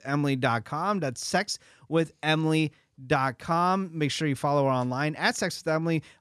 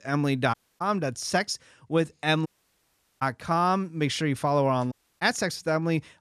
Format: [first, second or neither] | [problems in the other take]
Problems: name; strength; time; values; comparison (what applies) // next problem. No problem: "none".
first | audio cutting out; at 0.5 s, at 2.5 s for 1 s and at 5 s